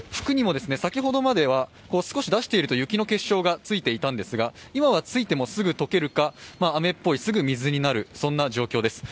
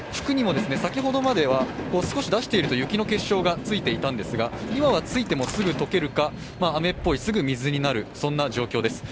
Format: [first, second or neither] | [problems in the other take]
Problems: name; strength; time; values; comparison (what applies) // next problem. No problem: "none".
first | background sound (Train); 8 dB below the speech